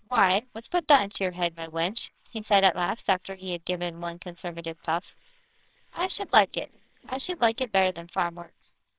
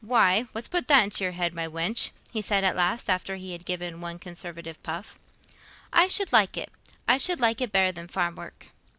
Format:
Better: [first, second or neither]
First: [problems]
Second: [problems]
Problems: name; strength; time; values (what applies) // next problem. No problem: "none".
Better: second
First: noise reduction (neural separator model SepFormer WHAMR!)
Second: none